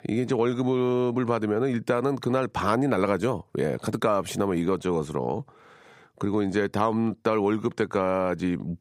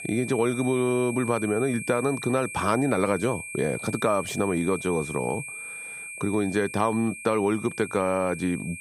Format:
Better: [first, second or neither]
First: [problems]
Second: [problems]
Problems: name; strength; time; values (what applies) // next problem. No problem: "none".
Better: first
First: none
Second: high-pitched whine; loud; throughout; 2.5 kHz, 9 dB below the speech